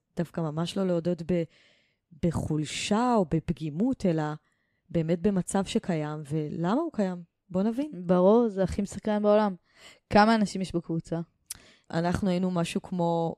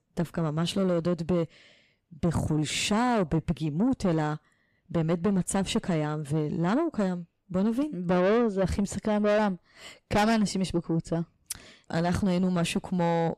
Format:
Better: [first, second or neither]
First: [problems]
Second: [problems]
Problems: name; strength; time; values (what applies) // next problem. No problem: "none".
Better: first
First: none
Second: distortion; heavy; 8 dB below the speech